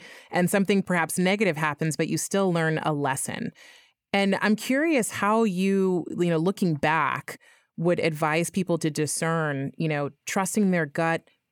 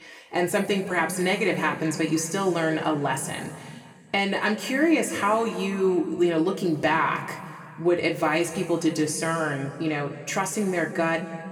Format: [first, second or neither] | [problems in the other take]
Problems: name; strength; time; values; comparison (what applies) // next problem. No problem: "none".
first | room echo; slight; dies away in 1.7 s // off-mic speech; somewhat distant